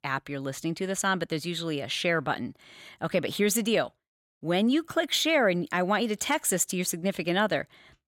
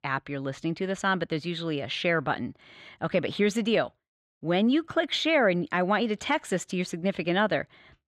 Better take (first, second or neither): first